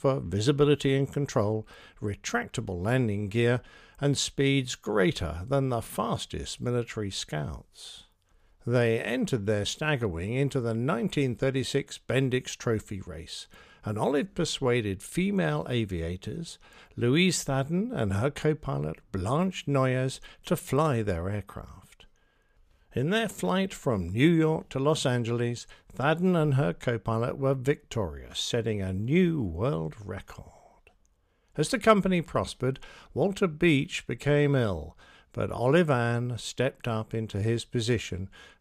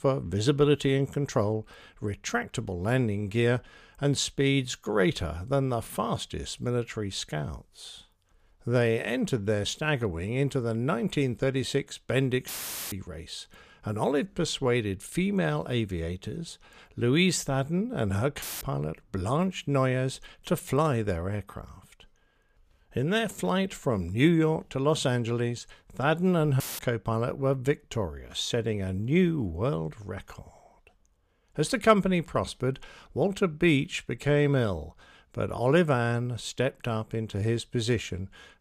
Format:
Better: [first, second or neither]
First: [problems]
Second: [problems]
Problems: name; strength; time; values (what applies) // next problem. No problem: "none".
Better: first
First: none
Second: audio cutting out; filled with static; at 12 s, at 18 s and at 27 s